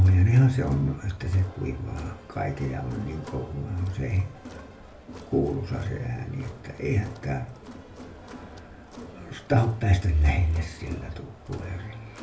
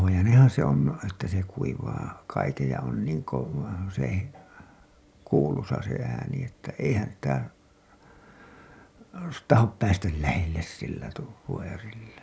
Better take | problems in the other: second | background sound (Crowd); 17 dB below the speech // room echo; dies away in 0.3 s

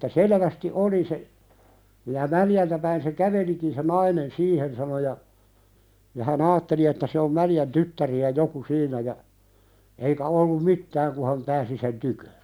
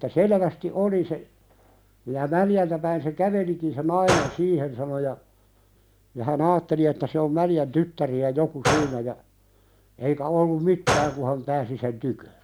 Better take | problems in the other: first | background sound (Gunshot, gunfire); 6 dB below the speech

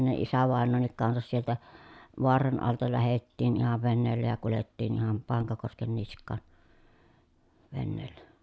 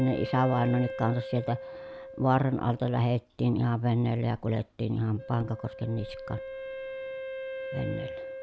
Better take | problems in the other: first | background sound (Wind instrument, woodwind instrument); 11 dB below the speech

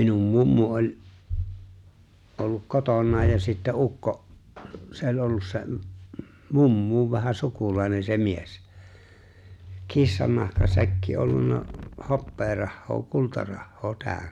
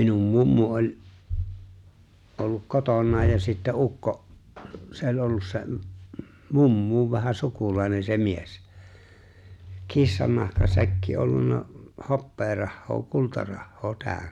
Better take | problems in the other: second | background sound (Wind); 15 dB below the speech

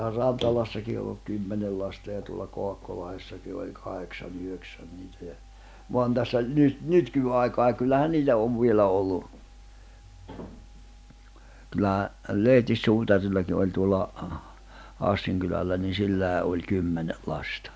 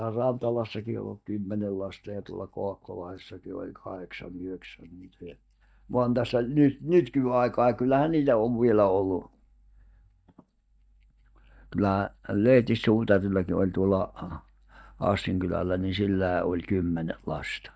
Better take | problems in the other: first | noise reduction (neural mask model DeepFilterNet 3)

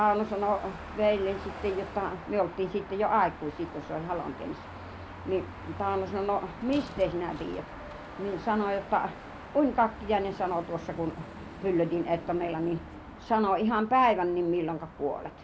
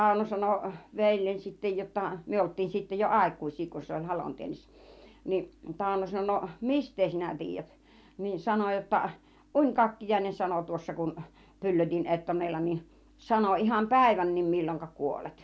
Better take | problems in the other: second | background sound (Car passing by / Traffic noise, roadway noise / Engine); 13 dB below the speech

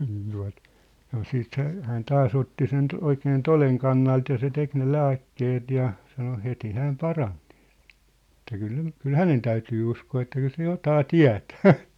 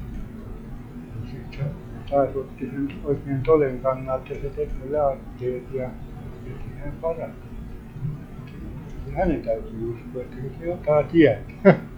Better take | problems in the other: first | noise reduction (classical method log-MMSE)

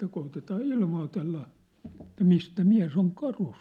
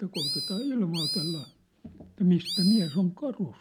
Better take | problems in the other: first | background sound (Animal); 6 dB below the speech

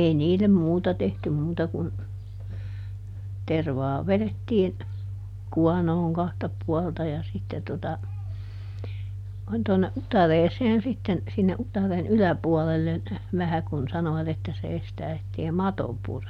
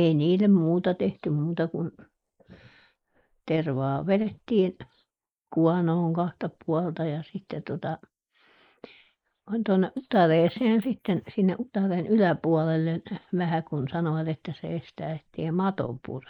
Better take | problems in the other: first | noise reduction (neural mask model Resemble Enhance denoiser)

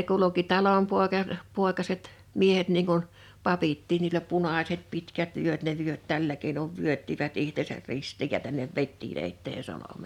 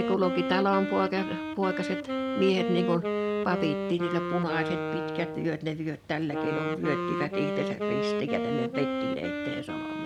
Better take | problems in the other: first | background sound (Wind instrument, woodwind instrument); 1 dB below the speech

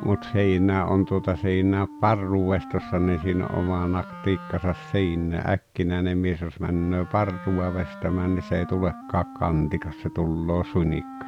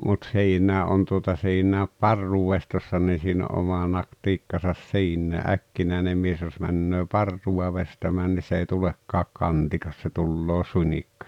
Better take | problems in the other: second | background sound (Wind instrument, woodwind instrument); 16 dB below the speech

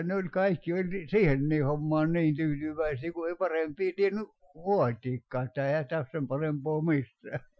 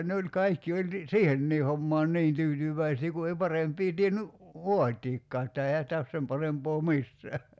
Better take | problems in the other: second | noise reduction (classical method Wiener filter)

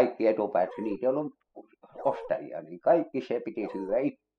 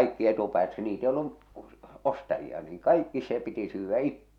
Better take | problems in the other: second | noise reduction (classical method spectral subtraction)

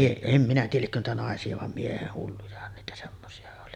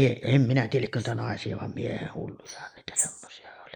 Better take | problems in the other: first | noise reduction (neural mask model Resemble Enhance denoiser)

